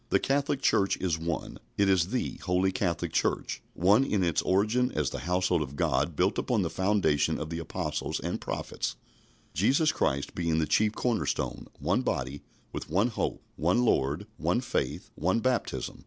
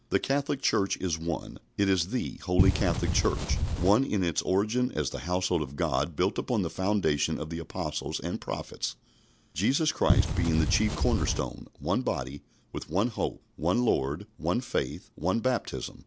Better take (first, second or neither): first